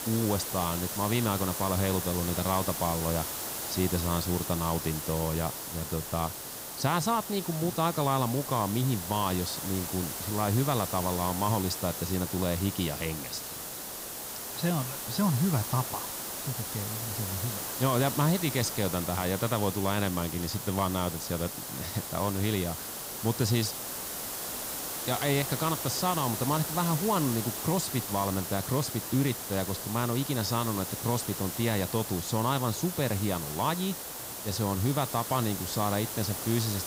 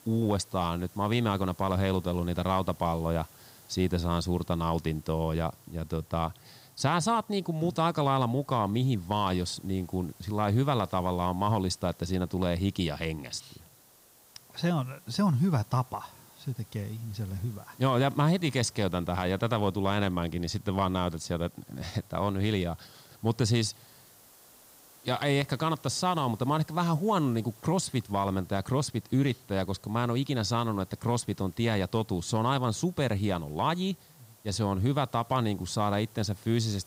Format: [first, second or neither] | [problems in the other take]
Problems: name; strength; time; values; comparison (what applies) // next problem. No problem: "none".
second | hiss; loud; throughout; 4 dB below the speech; faint in the second